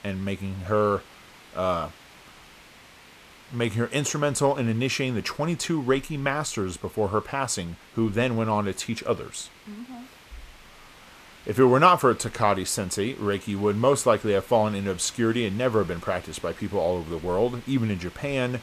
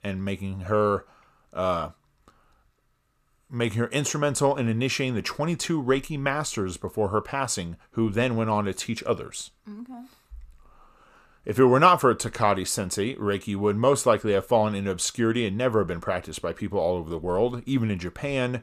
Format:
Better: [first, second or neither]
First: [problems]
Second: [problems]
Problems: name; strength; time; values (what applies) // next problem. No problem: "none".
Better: second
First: hiss; faint; throughout; 25 dB below the speech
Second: none